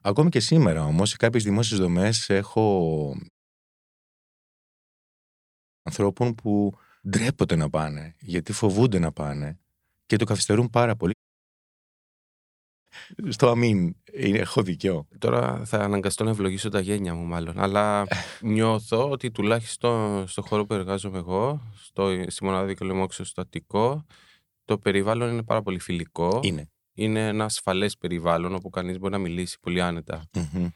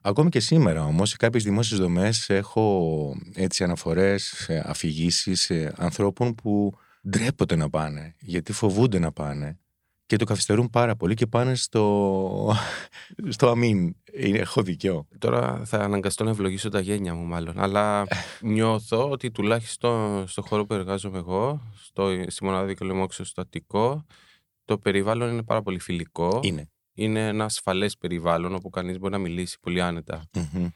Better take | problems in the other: second | audio cutting out; at 3.5 s for 2.5 s and at 11 s for 1.5 s

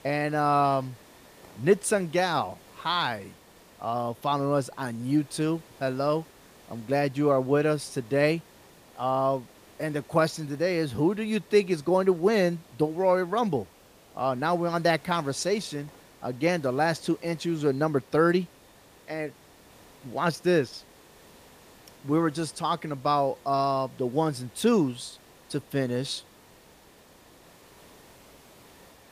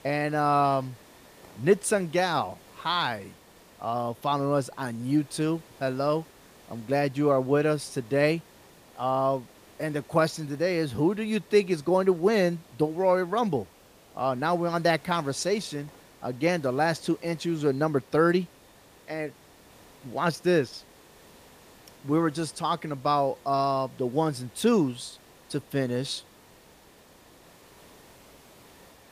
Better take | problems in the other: neither | hiss; faint; throughout; 25 dB below the speech; the same in both

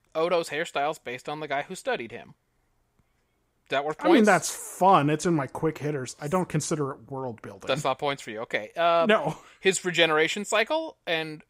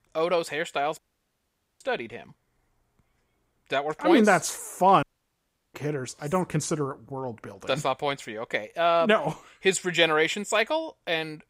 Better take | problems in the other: first | audio cutting out; at 1 s for 1 s and at 5 s for 0.5 s

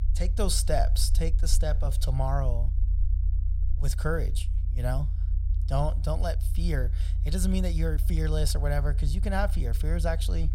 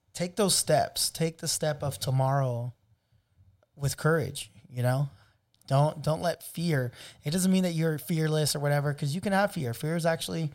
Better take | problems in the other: second | low rumble; noticeable; throughout; 15 dB below the speech

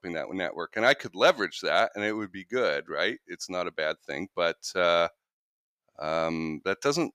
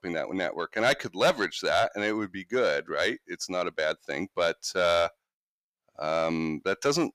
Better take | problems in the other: first | distortion; slight; 10 dB below the speech

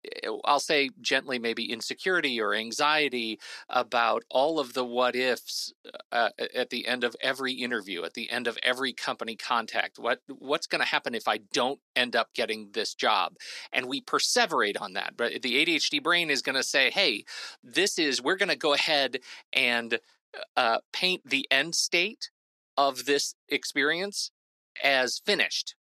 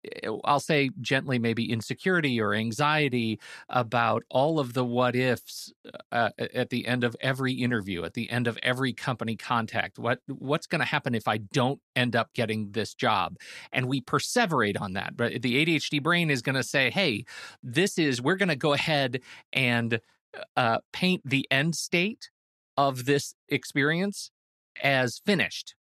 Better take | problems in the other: second | thin; somewhat; fading below 300 Hz

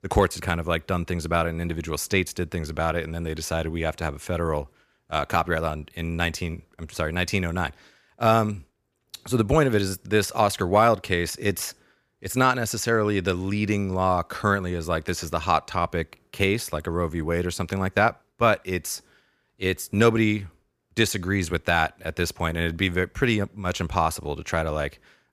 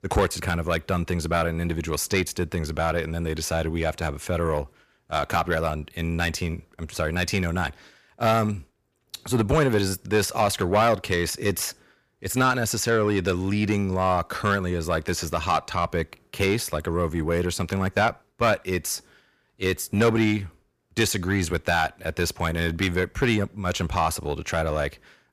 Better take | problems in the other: first | distortion; slight; 10 dB below the speech

